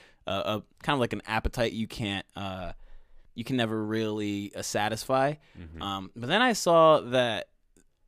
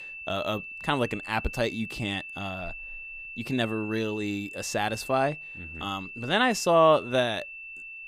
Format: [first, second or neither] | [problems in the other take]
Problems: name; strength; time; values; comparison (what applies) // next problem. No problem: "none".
first | high-pitched whine; noticeable; throughout; 2.5 kHz, 10 dB below the speech